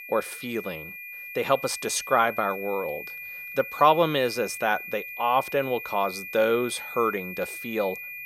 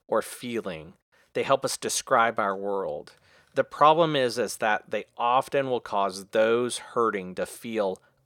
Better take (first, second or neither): second